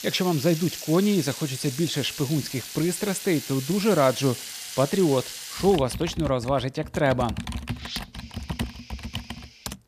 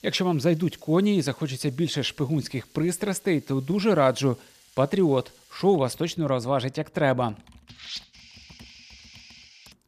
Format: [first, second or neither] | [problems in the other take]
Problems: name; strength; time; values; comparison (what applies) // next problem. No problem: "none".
second | household noises; loud; throughout; 10 dB below the speech; faint in the second